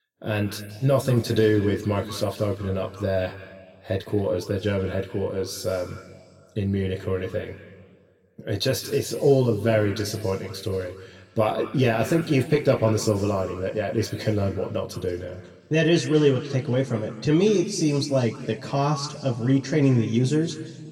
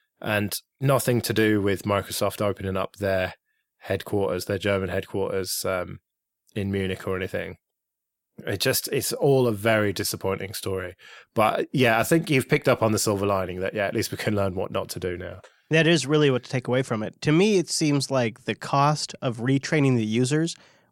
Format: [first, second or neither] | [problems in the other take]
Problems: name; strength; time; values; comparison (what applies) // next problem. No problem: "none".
second | room echo; slight; dies away in 1.6 s // off-mic speech; somewhat distant